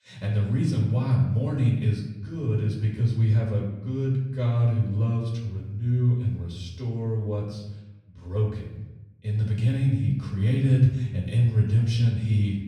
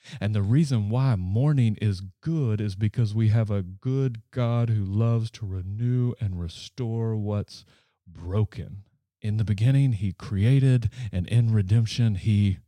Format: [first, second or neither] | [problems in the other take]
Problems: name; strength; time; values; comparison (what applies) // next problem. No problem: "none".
second | off-mic speech; far // room echo; noticeable; dies away in 0.8 s